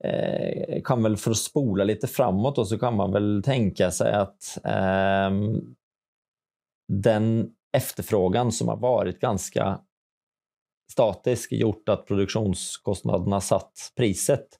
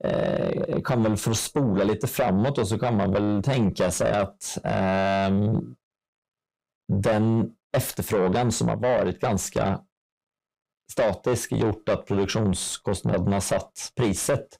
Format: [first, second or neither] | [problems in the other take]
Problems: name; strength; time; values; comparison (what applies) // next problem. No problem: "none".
first | distortion; heavy; 8 dB below the speech